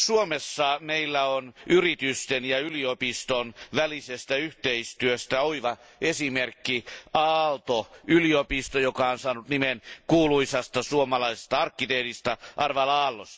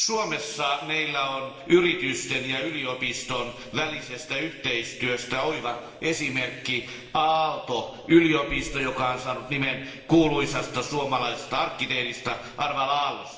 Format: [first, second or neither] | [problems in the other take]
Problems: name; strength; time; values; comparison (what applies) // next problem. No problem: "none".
first | room echo; dies away in 2.1 s